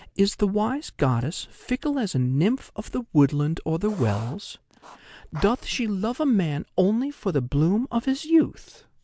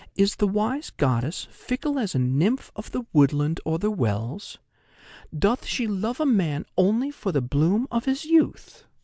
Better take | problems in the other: second | background sound (Writing); 20 dB below the speech

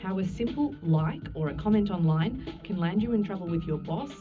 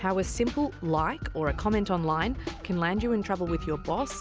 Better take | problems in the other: second | room echo; dies away in 0.4 s

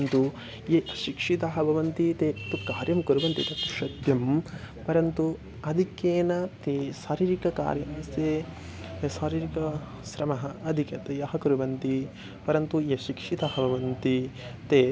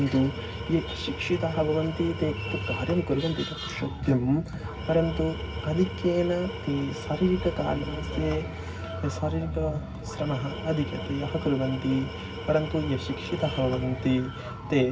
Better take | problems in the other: first | background sound (Tools); 10 dB below the speech // room echo; dies away in 0.4 s

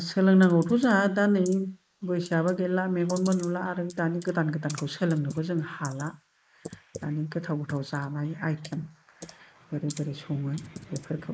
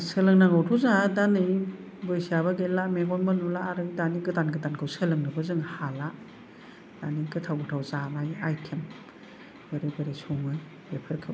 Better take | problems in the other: second | noise reduction (neural mask model Resemble Enhance denoiser)

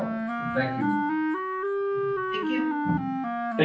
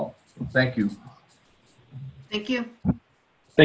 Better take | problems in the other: second | background sound (Wind instrument, woodwind instrument); 4 dB above the speech // room echo; dies away in 0.6 s

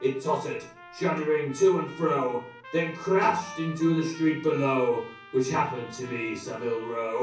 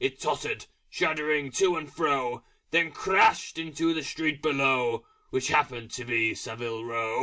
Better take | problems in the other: second | background sound (Trumpet); 19 dB below the speech // room echo; dies away in 0.6 s

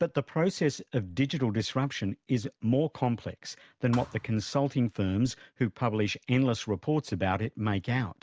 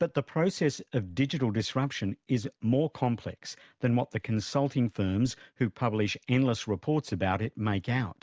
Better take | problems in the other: second | background sound (Thump, thud); 18 dB below the speech

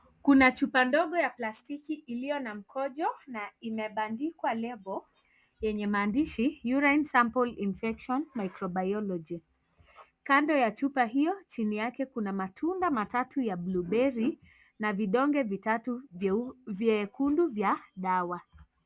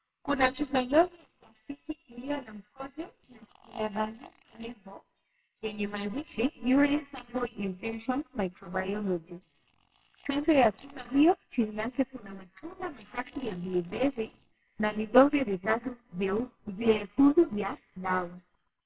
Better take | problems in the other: first | noise reduction (neural separator model SepFormer WHAMR!)

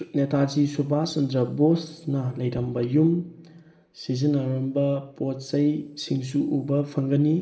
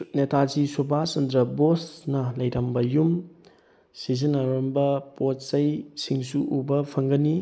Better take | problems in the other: second | room echo; dies away in 1.3 s

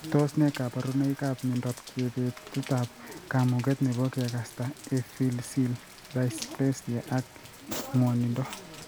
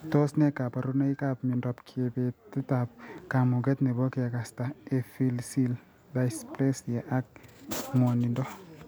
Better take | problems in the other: second | background sound (Rain); 18 dB below the speech

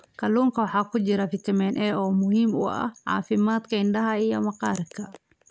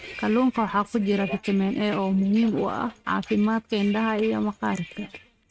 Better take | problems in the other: first | noise reduction (neural mask model RNNoise)

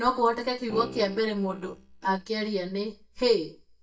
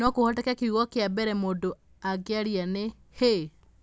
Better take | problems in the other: second | noise reduction (neural mask model DeepFilterNet 3)

